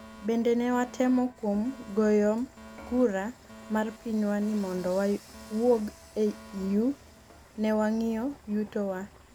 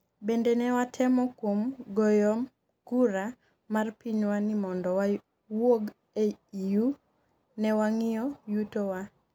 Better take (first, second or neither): second